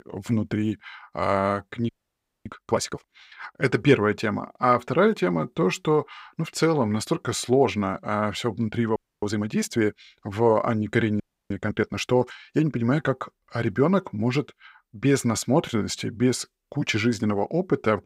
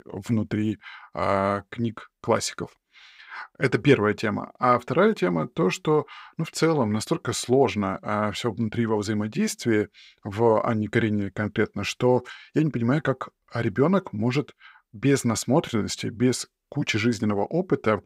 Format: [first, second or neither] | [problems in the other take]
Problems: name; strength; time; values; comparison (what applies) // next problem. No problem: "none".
second | audio freezing; at 2 s for 0.5 s, at 9 s and at 11 s